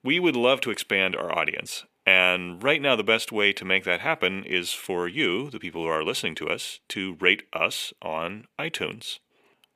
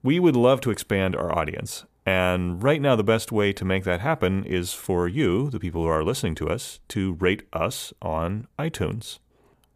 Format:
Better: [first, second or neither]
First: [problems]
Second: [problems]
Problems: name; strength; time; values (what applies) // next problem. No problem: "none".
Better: second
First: thin; very slightly; fading below 250 Hz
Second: none